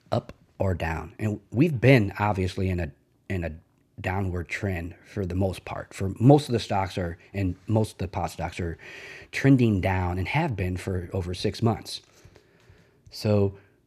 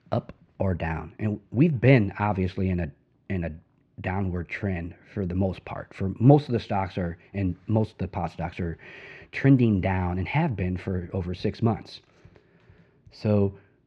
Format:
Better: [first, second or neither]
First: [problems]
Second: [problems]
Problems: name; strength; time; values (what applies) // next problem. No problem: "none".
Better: first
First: none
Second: muffled; slightly; fading above 3 kHz